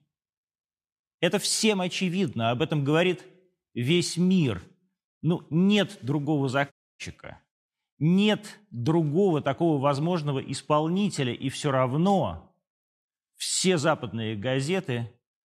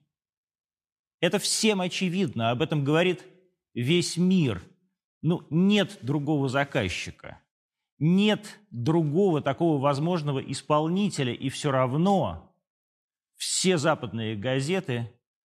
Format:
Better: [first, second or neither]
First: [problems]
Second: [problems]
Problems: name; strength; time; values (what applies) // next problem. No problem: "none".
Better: second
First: audio cutting out; at 6.5 s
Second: none